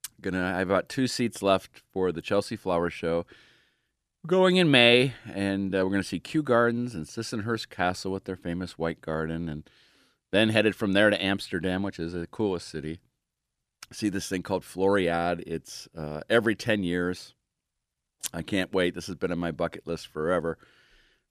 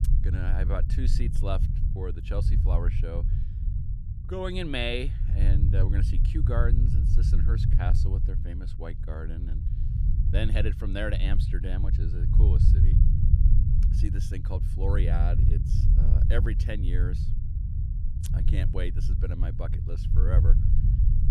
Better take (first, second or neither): first